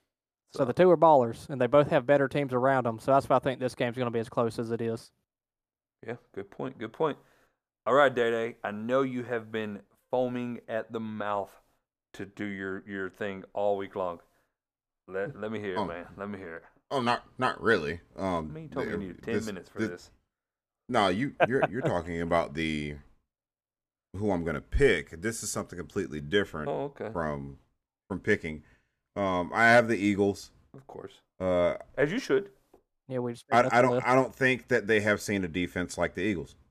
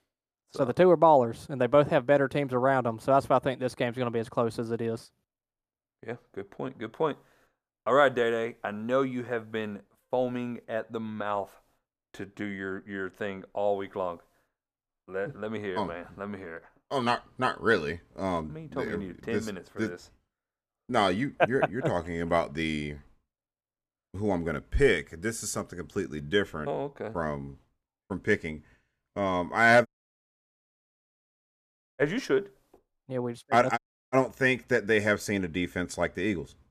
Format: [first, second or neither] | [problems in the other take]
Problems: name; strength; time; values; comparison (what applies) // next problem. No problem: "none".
first | audio cutting out; at 30 s for 2 s and at 34 s